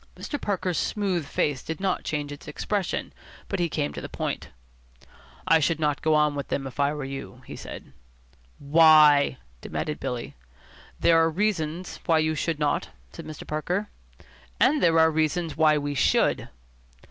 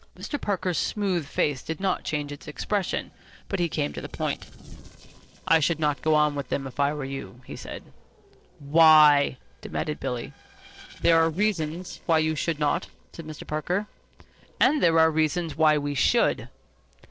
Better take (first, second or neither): first